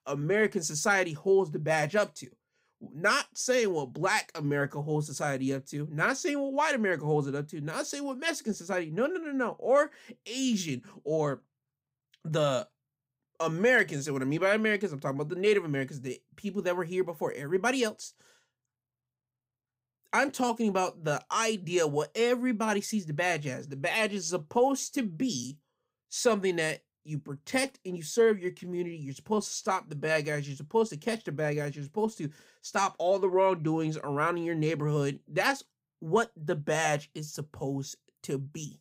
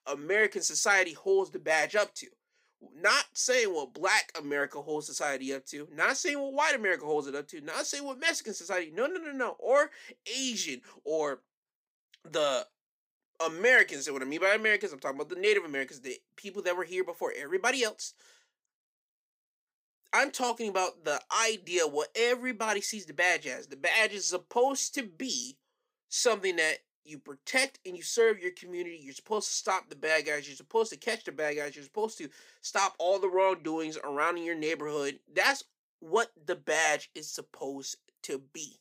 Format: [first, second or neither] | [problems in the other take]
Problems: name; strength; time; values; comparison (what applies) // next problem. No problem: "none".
first | thin; somewhat; fading below 350 Hz